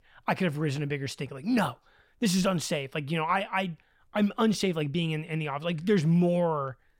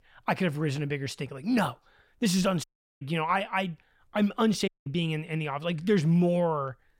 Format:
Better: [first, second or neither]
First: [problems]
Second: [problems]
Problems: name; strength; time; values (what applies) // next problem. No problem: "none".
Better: first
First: none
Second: audio cutting out; at 2.5 s and at 4.5 s